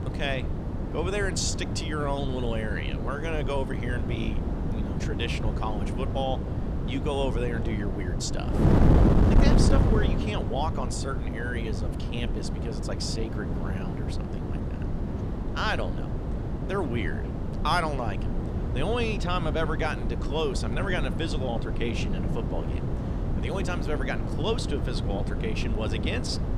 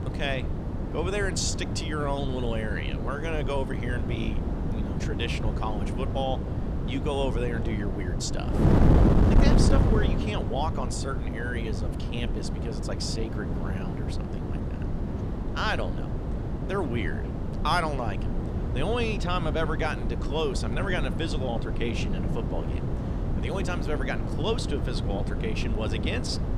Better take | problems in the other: neither | wind noise on the microphone; heavy; 4 dB below the speech; the same in both

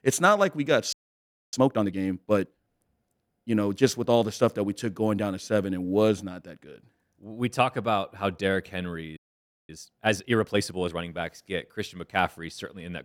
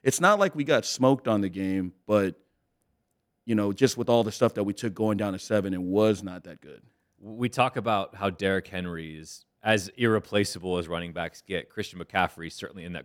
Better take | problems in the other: second | audio freezing; at 1 s for 0.5 s and at 9 s for 0.5 s

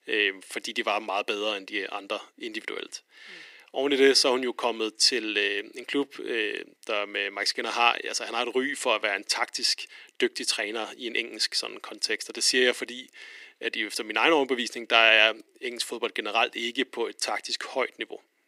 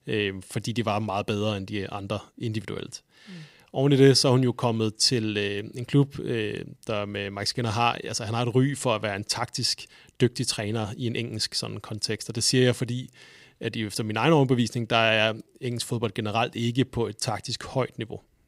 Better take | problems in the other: second | thin; somewhat; fading below 300 Hz

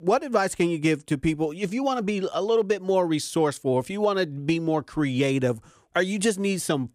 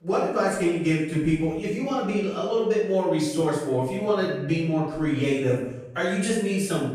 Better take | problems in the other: first | room echo; noticeable; dies away in 0.7 s // off-mic speech; far

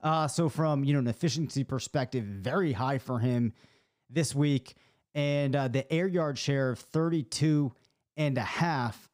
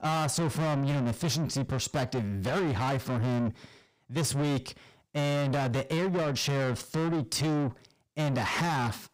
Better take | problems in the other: first | distortion; heavy; 7 dB below the speech

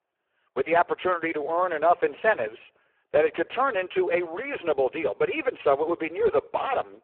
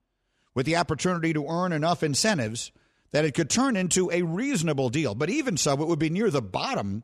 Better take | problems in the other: second | phone-call audio; poor line

